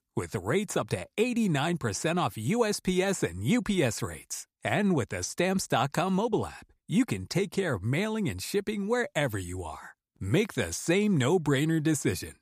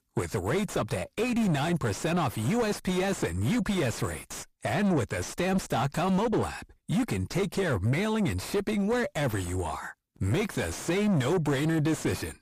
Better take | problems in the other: first | distortion; heavy; 5 dB below the speech

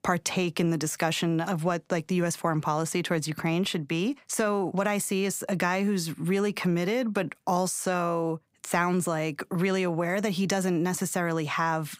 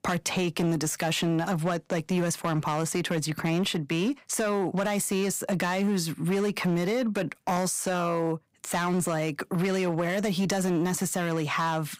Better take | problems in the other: first | distortion; slight; 10% of the sound clipped

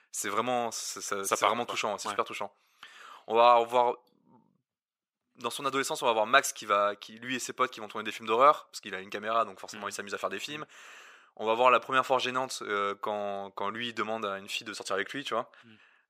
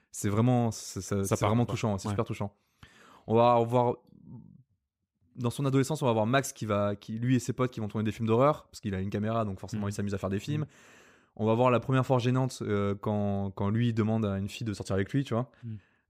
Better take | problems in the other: second | thin; very; fading below 600 Hz

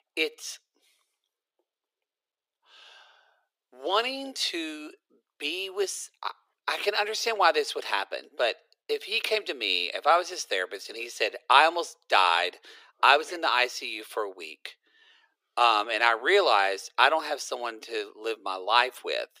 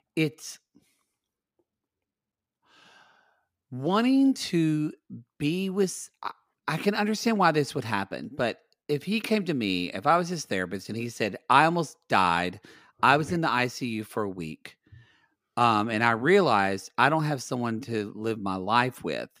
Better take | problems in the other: second | thin; very; fading below 400 Hz

